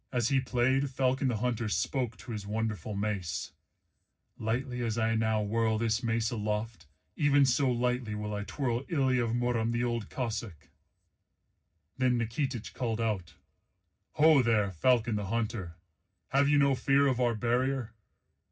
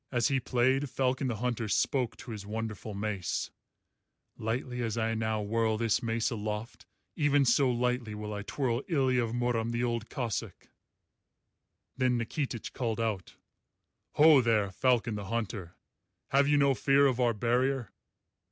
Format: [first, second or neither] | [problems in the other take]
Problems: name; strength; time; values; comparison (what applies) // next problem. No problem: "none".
second | room echo; dies away in 0.4 s